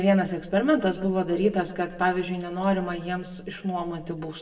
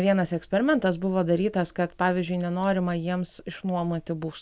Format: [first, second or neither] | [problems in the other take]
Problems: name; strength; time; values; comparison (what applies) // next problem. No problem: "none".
second | room echo; dies away in 0.7 s